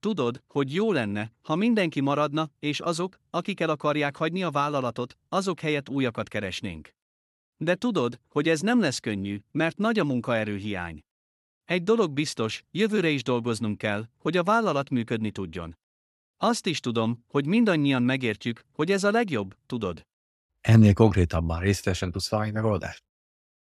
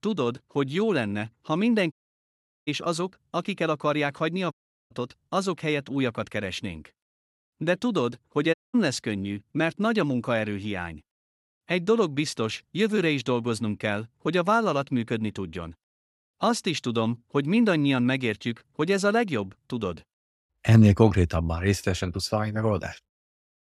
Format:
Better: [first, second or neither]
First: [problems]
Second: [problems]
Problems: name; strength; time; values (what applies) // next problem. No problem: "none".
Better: first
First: none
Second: audio cutting out; at 2 s for 1 s, at 4.5 s and at 8.5 s